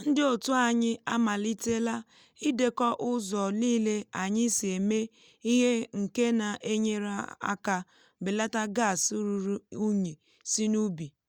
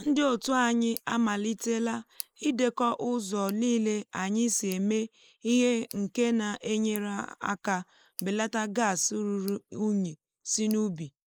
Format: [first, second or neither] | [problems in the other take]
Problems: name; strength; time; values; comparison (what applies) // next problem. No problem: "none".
first | noise reduction (neural mask model Resemble Enhance denoiser)